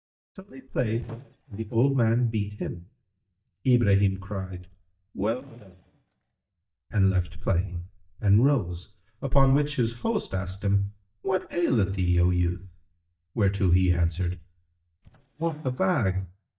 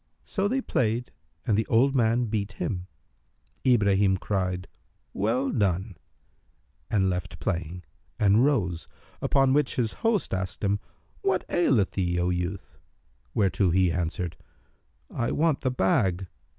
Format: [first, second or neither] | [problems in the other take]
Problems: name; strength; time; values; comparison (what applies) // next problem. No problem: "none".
second | noise reduction (neural mask model DeepFilterNet 3)